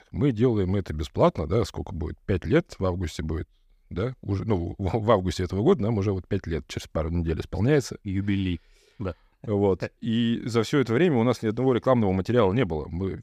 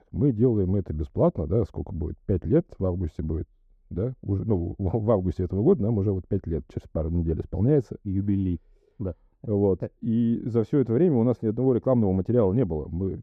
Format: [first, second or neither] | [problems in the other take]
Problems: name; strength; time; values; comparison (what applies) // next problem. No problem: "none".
first | muffled; very; fading above 1 kHz